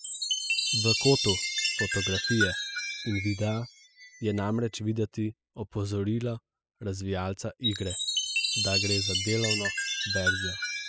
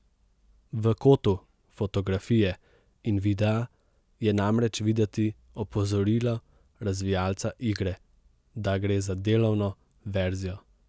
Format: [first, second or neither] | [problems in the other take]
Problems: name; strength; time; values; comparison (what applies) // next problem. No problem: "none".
second | noise reduction (classical method spectral subtraction)